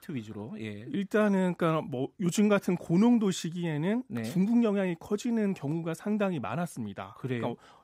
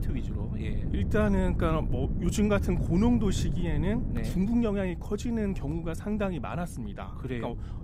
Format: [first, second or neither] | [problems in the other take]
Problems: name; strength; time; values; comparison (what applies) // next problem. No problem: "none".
first | wind noise on the microphone; occasional gusts; 10 dB below the speech